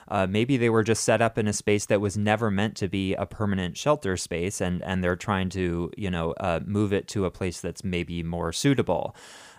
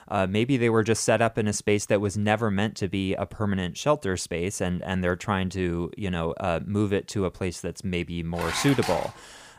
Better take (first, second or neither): first